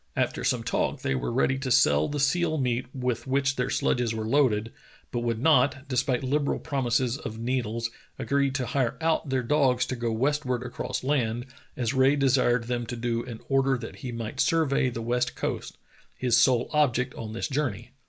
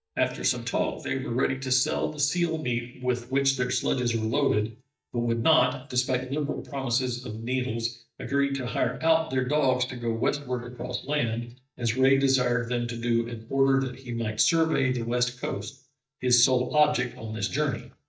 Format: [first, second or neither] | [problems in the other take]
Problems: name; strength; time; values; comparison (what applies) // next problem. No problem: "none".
first | noise reduction (neural mask model DeepFilterNet 3)